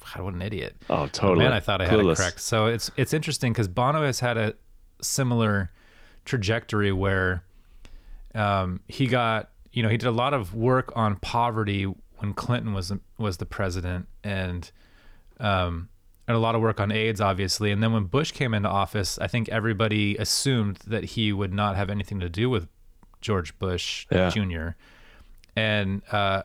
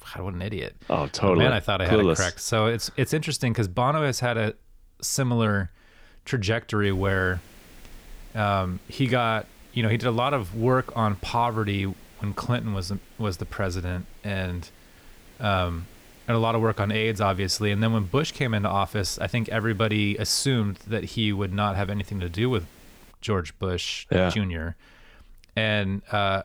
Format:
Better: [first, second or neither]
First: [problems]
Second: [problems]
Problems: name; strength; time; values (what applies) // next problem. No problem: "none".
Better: first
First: none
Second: hiss; faint; from 7 to 23 s; 25 dB below the speech